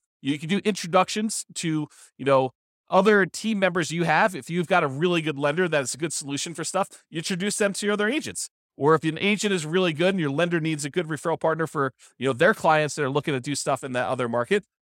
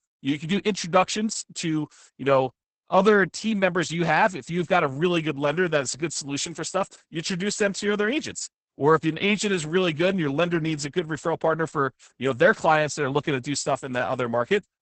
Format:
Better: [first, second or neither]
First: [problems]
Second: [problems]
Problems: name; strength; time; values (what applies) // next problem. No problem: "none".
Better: first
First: none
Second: garbled, watery; badly; nothing above 8 kHz